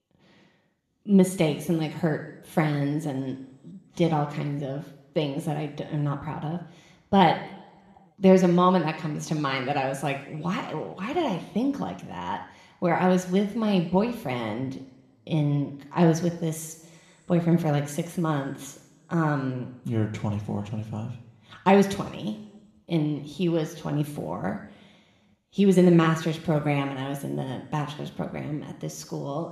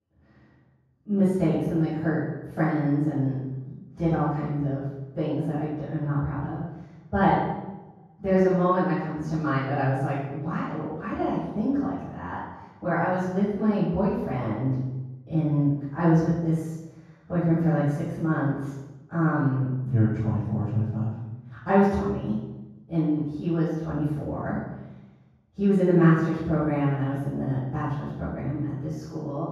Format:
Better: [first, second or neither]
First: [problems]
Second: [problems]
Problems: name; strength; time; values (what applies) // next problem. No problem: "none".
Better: first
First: room echo; slight; dies away in 1 s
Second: room echo; strong; dies away in 1.3 s // off-mic speech; far